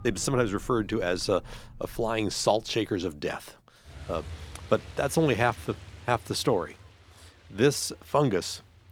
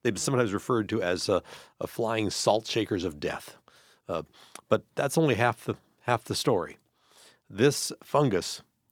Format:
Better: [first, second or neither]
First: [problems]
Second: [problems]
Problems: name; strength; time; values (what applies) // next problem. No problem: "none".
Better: second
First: traffic noise; noticeable; throughout; 20 dB below the speech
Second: none